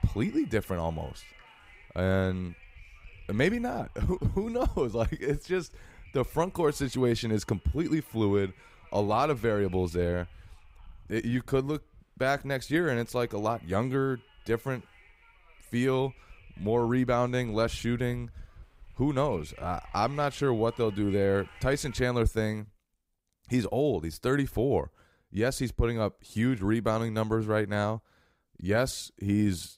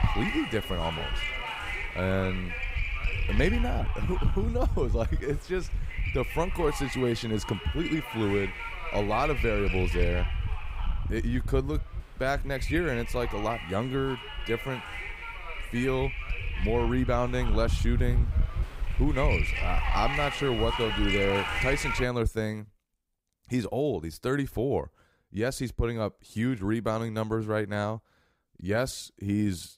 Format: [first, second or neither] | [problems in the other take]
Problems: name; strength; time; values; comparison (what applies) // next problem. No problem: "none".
first | wind noise on the microphone; heavy; until 22 s; 2 dB below the speech; occasional gusts in the first